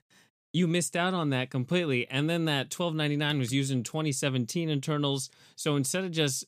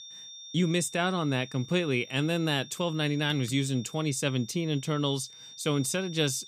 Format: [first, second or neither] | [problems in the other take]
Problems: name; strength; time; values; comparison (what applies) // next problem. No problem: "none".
first | high-pitched whine; noticeable; throughout; 3.5 kHz, 15 dB below the speech